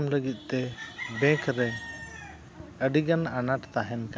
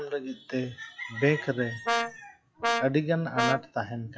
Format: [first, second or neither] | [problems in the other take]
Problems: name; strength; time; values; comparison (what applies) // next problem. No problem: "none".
first | noise reduction (classical method WPE with log-MMSE)